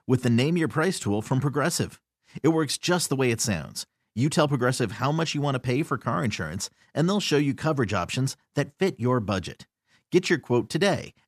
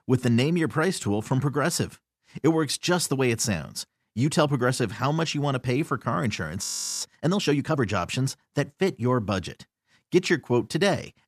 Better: first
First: none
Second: audio freezing; at 6.5 s

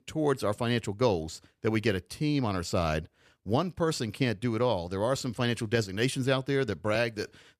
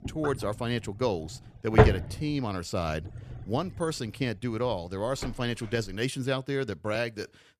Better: first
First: none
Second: household noises; very loud; until 6 s; 4 dB above the speech

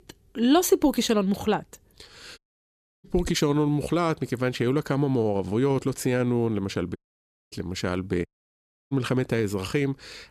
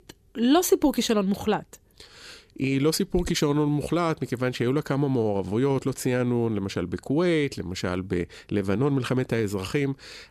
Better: second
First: audio cutting out; at 2.5 s for 0.5 s, at 7 s for 0.5 s and at 8.5 s for 0.5 s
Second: none

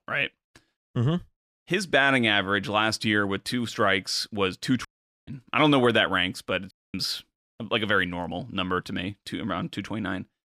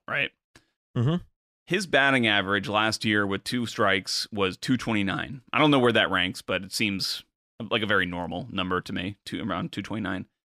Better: second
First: audio cutting out; at 5 s and at 6.5 s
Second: none

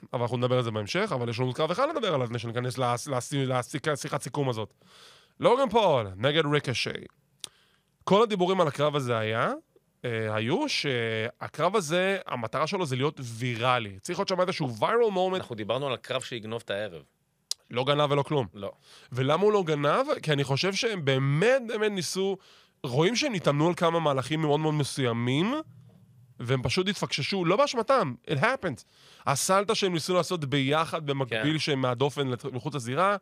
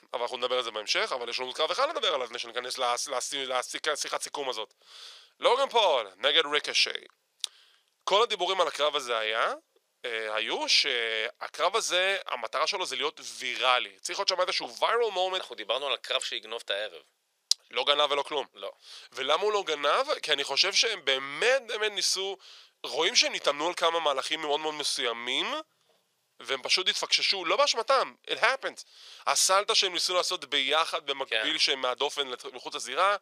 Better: first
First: none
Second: thin; very; fading below 450 Hz

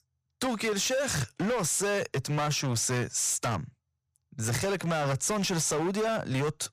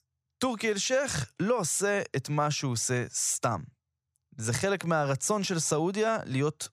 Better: second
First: distortion; heavy; 24% of the sound clipped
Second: none

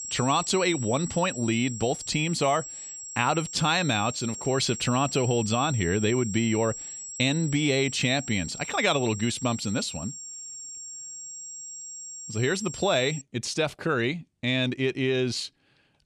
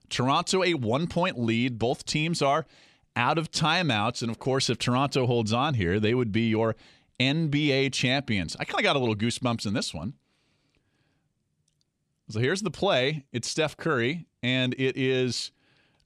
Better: second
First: high-pitched whine; loud; until 13 s; 7.5 kHz, 10 dB below the speech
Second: none

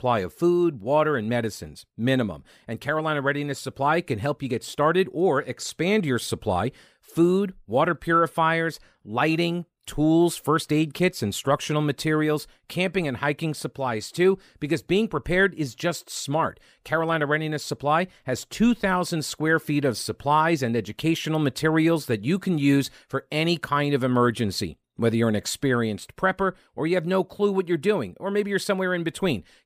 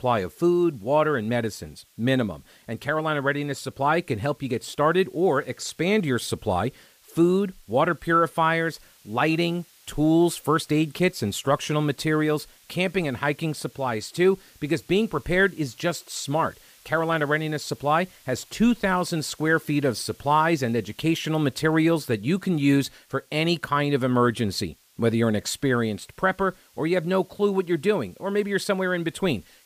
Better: first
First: none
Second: hiss; faint; throughout; 30 dB below the speech

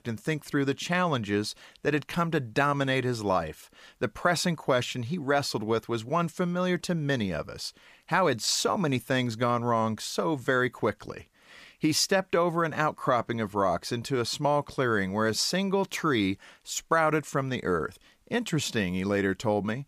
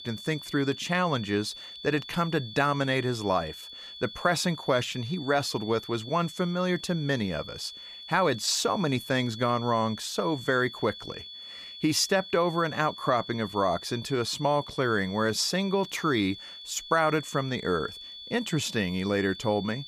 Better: first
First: none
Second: high-pitched whine; noticeable; throughout; 3.5 kHz, 15 dB below the speech

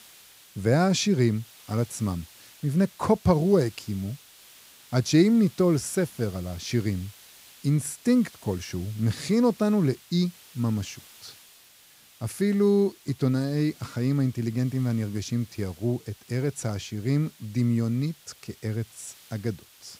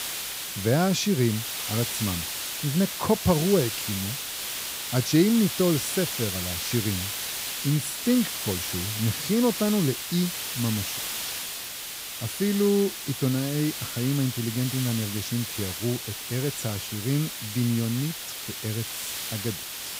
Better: first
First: hiss; faint; throughout; 25 dB below the speech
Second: hiss; loud; throughout; 4 dB below the speech

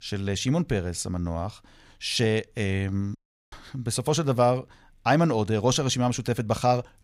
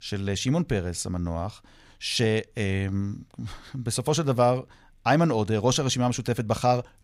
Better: second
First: audio cutting out; at 3 s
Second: none

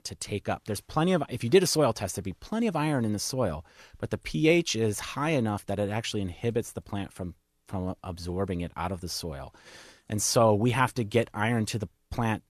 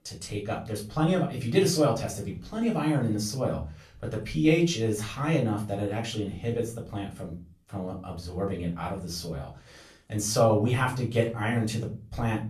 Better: first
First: none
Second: room echo; slight; dies away in 0.3 s // off-mic speech; far

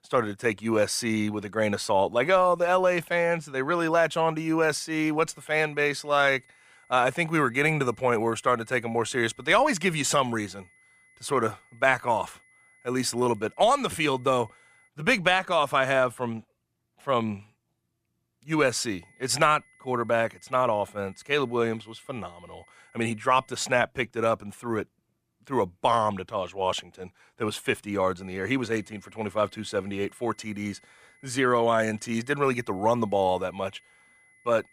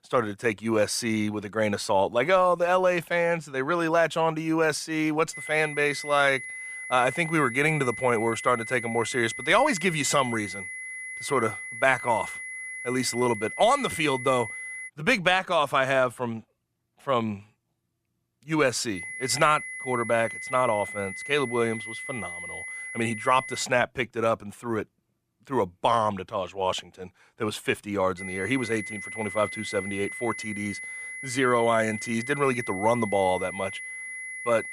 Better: first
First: high-pitched whine; faint; from 5.5 to 15 s, from 19 to 24 s and from 28 s on; 2 kHz, 30 dB below the speech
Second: high-pitched whine; loud; from 5.5 to 15 s, from 19 to 24 s and from 28 s on; 2 kHz, 9 dB below the speech

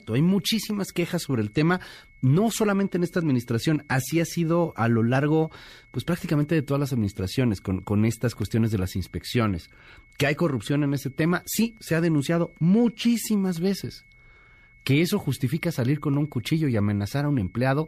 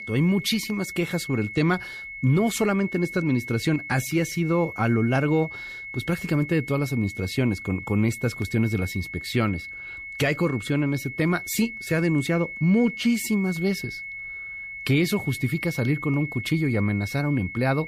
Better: first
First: high-pitched whine; faint; throughout; 2 kHz, 30 dB below the speech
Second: high-pitched whine; loud; throughout; 2 kHz, 10 dB below the speech

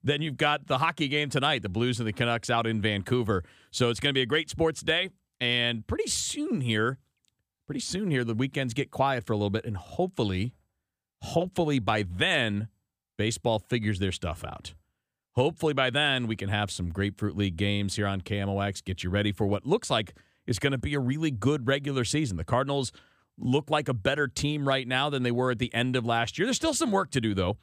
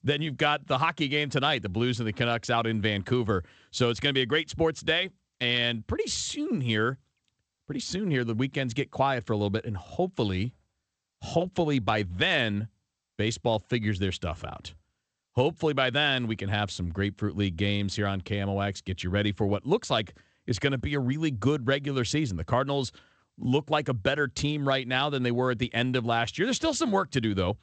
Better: first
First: none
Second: garbled, watery; slightly; nothing above 8 kHz

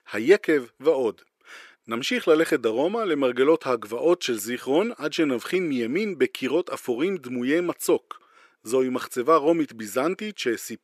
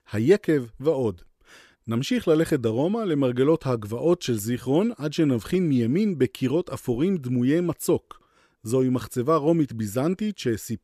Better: second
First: thin; somewhat; fading below 400 Hz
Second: none

